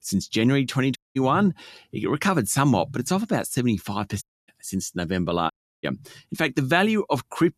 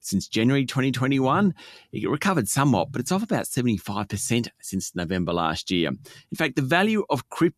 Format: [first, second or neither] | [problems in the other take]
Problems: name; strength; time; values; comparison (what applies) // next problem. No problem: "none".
second | audio cutting out; at 1 s, at 4 s and at 5.5 s